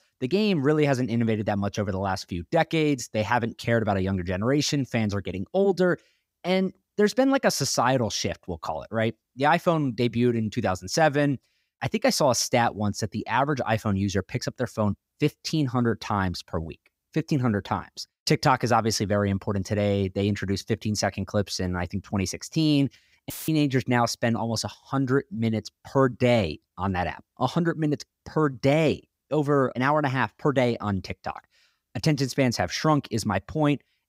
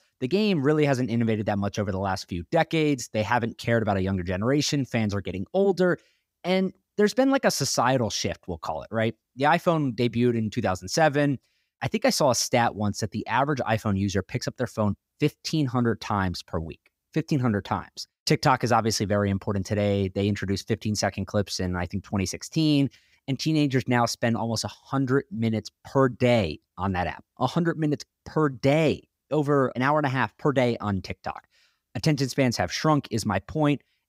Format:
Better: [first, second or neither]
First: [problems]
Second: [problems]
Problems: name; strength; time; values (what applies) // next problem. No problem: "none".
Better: second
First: audio cutting out; filled with static; at 23 s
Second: none